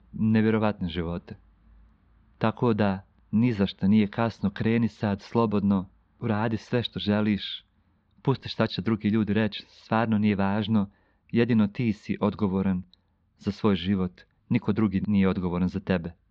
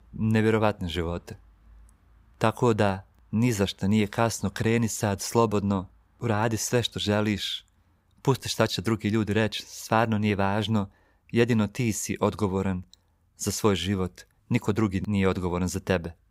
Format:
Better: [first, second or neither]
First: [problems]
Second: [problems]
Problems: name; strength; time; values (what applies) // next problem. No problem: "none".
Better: second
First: muffled; slightly; fading above 4 kHz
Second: none